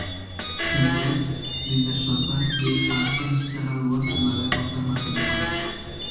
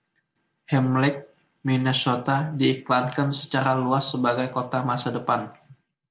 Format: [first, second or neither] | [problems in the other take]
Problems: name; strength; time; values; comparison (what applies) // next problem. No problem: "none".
second | background sound (Squeak); 3 dB below the speech // room echo; dies away in 1.1 s